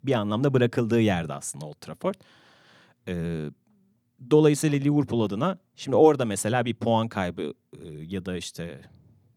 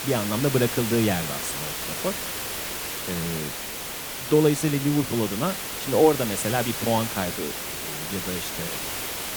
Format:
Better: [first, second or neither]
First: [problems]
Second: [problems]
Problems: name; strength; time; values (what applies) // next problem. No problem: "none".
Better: first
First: none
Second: hiss; loud; throughout; 4 dB below the speech